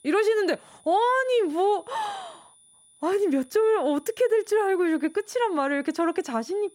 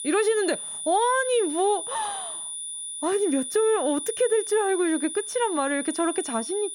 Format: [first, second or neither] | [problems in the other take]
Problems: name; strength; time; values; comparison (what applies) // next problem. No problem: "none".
first | high-pitched whine; loud; throughout; 9.5 kHz, 6 dB below the speech; faint in the first